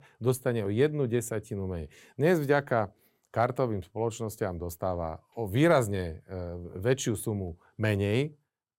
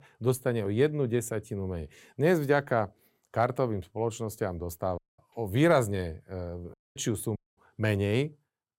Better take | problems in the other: first | audio cutting out; at 5 s, at 6.5 s and at 7.5 s

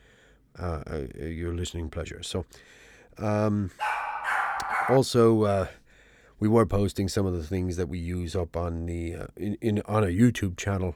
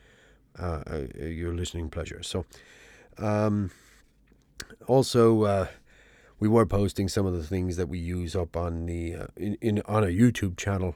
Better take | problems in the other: second | dog barking; loud; from 4 to 5 s; peak level with the speech

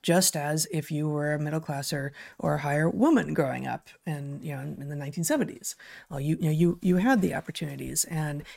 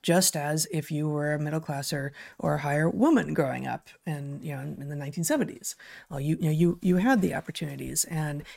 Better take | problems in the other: neither | none

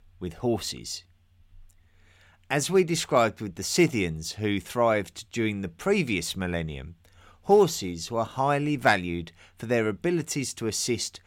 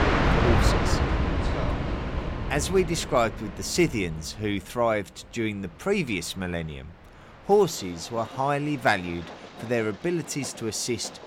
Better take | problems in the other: first | train or aircraft noise; loud; throughout; as loud as the speech

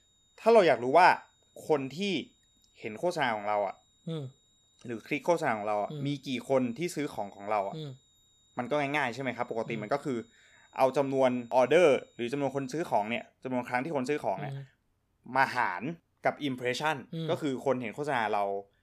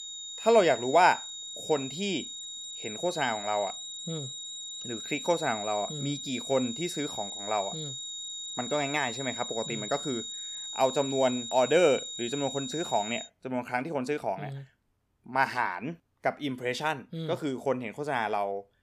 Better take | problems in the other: first | high-pitched whine; loud; until 13 s; 4 kHz, 7 dB below the speech; faint in the first

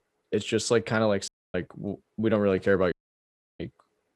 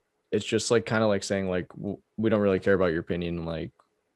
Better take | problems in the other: second | audio cutting out; at 1.5 s and at 3 s for 0.5 s

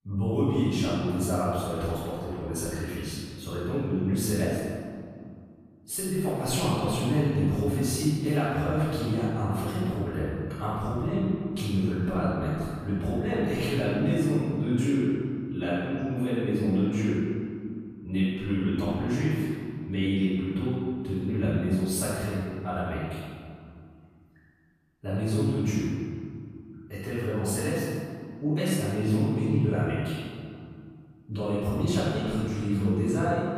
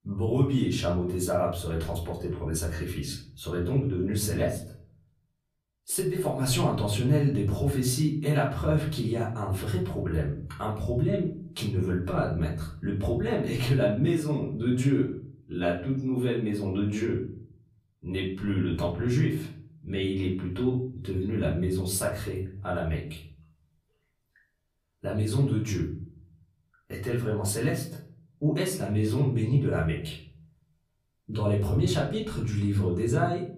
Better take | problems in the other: second | room echo; strong; dies away in 2.1 s; slight in the second // off-mic speech; far; far in the second

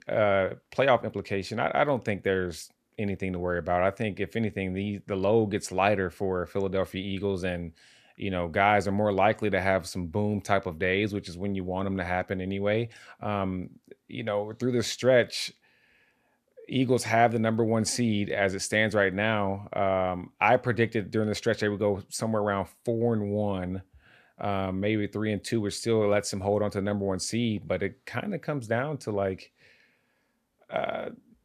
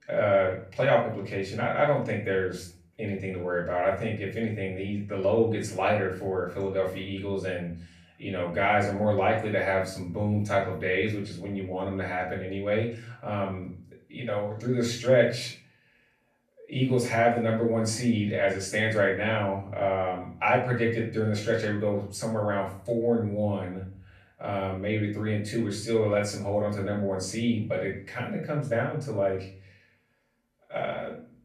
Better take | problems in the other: first | off-mic speech; far // room echo; slight; dies away in 0.4 s

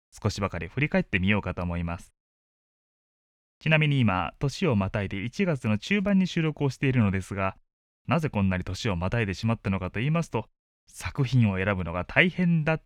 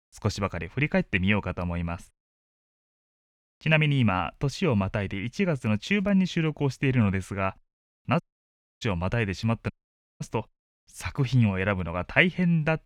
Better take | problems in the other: first | audio cutting out; at 8 s for 0.5 s and at 9.5 s for 0.5 s

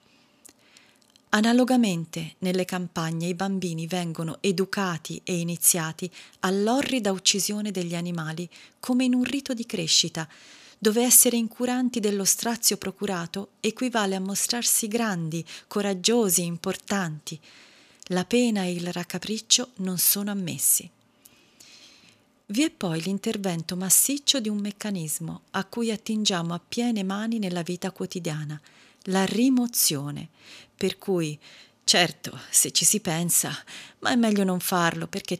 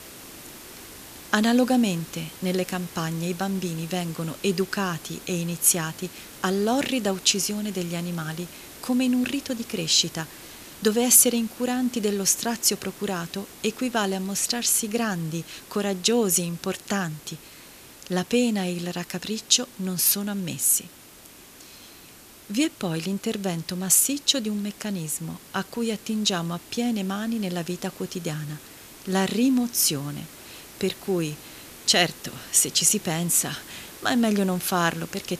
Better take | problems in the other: first | hiss; noticeable; throughout; 20 dB below the speech

